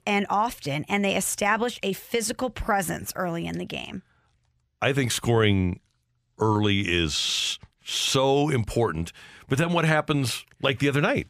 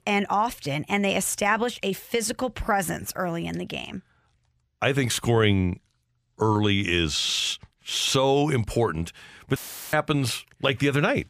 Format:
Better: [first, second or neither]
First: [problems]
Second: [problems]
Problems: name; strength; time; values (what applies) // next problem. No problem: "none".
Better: first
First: none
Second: audio cutting out; filled with static; at 9.5 s